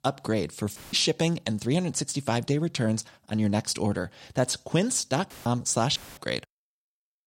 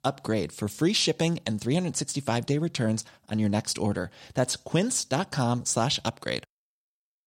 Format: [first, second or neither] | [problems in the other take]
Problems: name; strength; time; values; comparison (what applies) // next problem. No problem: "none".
second | audio cutting out; filled with static; at 1 s, at 5.5 s and at 6 s